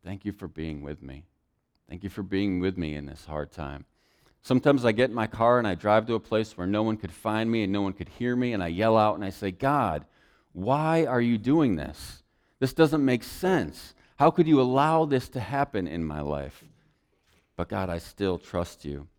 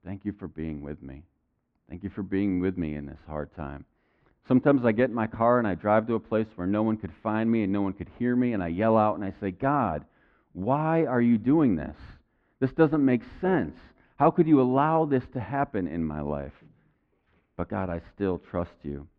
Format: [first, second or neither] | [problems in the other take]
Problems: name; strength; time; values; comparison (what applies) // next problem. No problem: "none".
first | muffled; very; fading above 2 kHz